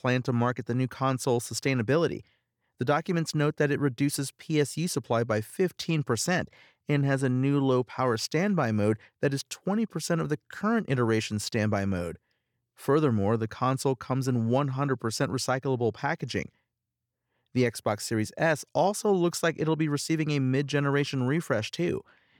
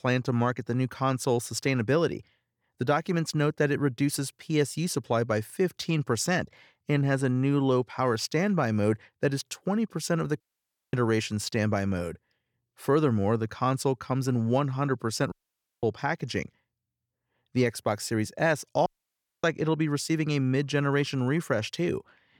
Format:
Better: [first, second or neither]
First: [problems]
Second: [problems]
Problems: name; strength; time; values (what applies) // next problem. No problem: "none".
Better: first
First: none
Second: audio cutting out; at 10 s for 0.5 s, at 15 s for 0.5 s and at 19 s for 0.5 s